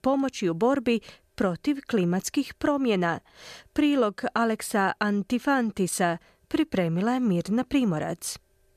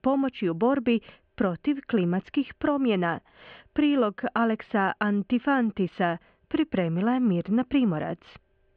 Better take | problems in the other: first | muffled; very; fading above 3 kHz

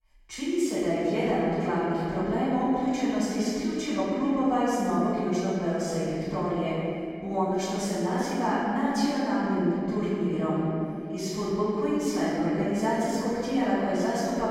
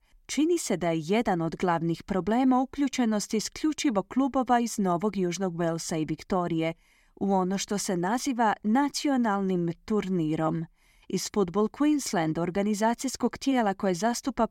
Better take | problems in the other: second | off-mic speech; far // room echo; strong; dies away in 2.6 s

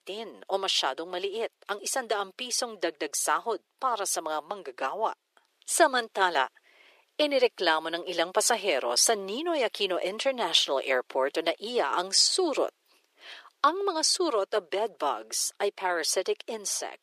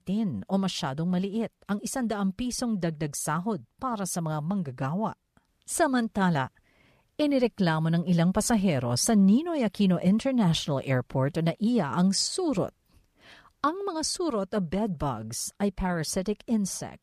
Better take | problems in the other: second | thin; very; fading below 350 Hz

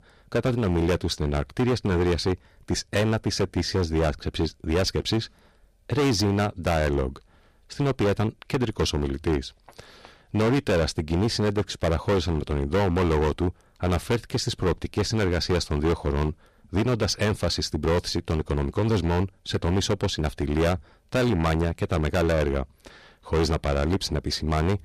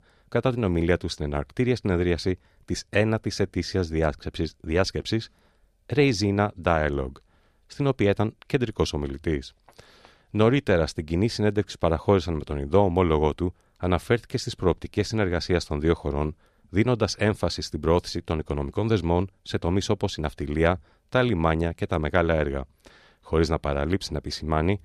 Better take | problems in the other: second | distortion; heavy; 14% of the sound clipped

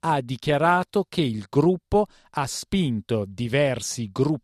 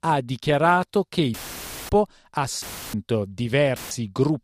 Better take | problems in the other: first | audio cutting out; filled with static; at 1.5 s for 0.5 s, at 2.5 s and at 4 s

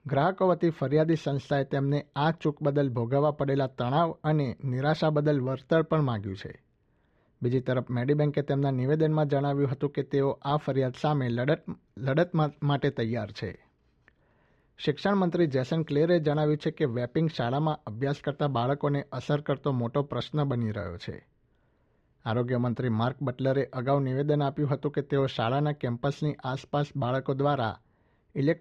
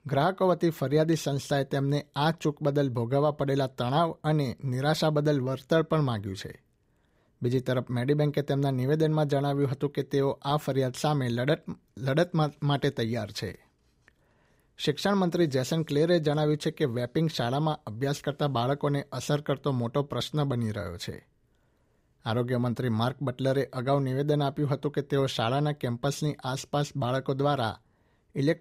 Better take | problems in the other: second | muffled; slightly; fading above 3 kHz

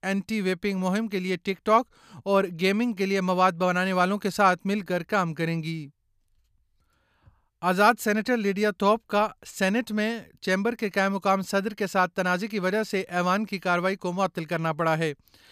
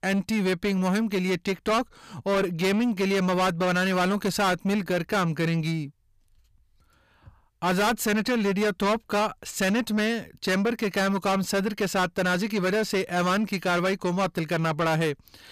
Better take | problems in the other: first | distortion; heavy; 7 dB below the speech

